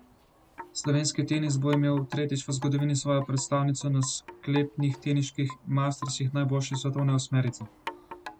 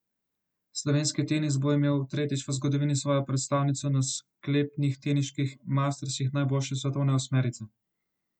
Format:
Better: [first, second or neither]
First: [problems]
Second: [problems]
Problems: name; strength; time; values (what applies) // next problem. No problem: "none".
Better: second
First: background sound (Wind chime); 18 dB below the speech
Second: none